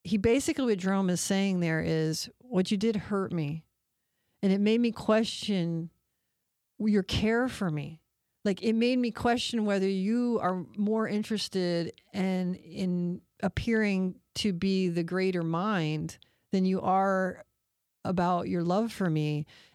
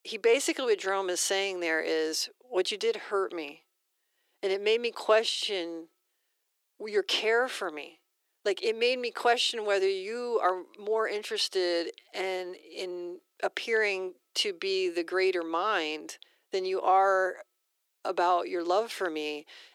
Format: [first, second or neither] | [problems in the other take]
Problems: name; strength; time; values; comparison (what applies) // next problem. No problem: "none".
first | thin; very; fading below 350 Hz